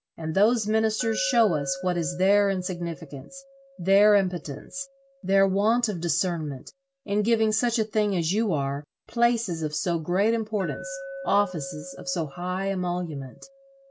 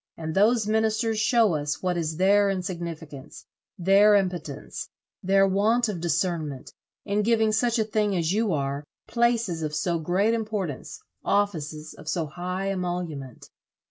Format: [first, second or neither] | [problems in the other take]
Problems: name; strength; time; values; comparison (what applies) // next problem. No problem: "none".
second | background sound (Glass); 18 dB below the speech